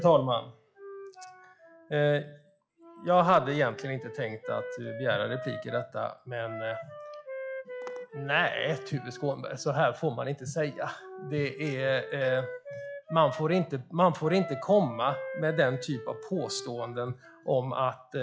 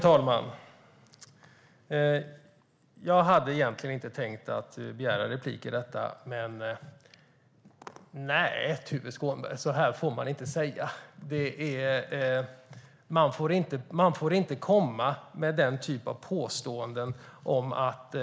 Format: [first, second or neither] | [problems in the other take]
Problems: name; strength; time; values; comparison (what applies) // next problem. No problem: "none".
second | noise reduction (classical method log-MMSE)